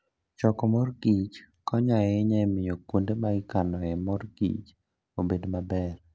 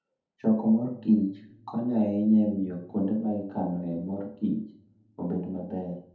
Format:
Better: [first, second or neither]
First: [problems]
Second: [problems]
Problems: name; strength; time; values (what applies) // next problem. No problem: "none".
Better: first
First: none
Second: room echo; dies away in 0.6 s